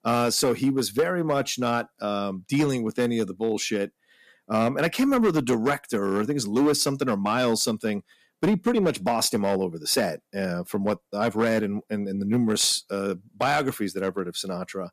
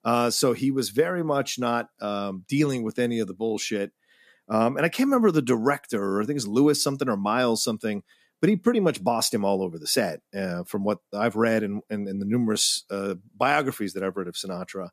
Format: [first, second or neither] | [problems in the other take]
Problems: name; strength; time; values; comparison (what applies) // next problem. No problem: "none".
second | distortion; slight; 5% of the sound clipped